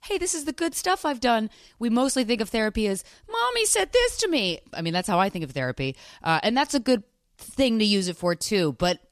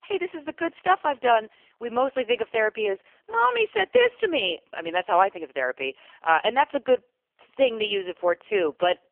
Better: first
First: none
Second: phone-call audio; poor line; nothing above 3 kHz

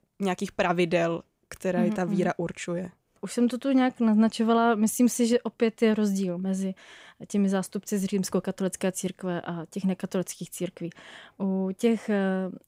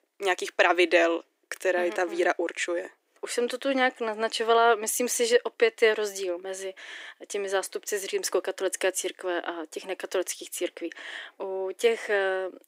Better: first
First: none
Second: thin; very; fading below 300 Hz

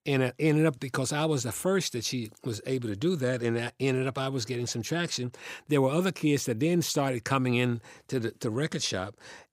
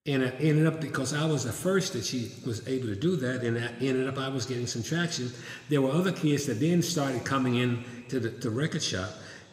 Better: first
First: none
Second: room echo; slight; dies away in 1.7 s

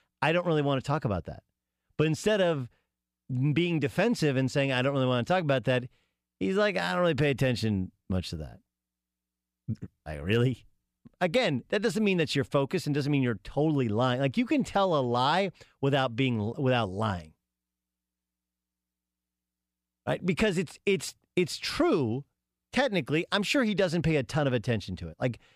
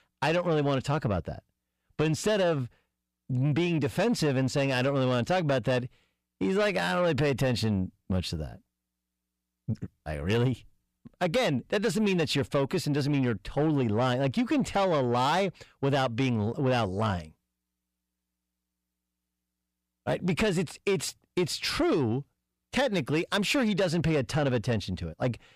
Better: first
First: none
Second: distortion; slight; 10 dB below the speech

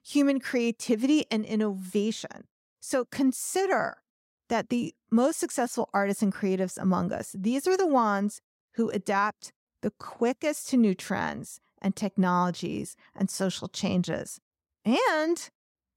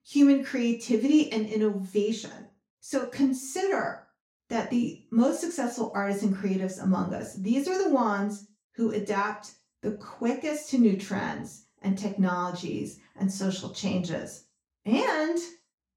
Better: first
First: none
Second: room echo; slight; dies away in 0.4 s // off-mic speech; far

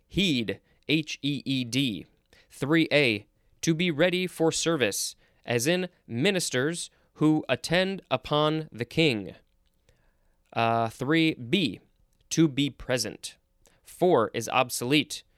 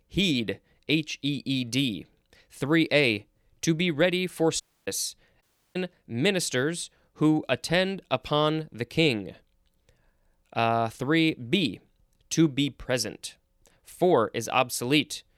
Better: first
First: none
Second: audio cutting out; at 4.5 s and at 5.5 s

